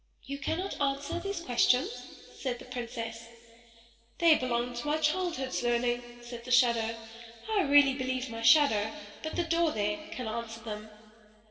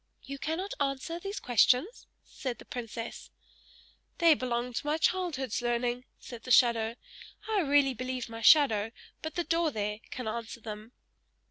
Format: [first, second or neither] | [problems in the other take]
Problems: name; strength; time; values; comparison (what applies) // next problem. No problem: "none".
second | background sound (Bowed string instrument); 11 dB below the speech // room echo; dies away in 2.3 s